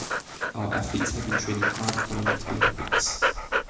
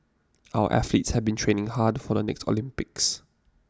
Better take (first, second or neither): second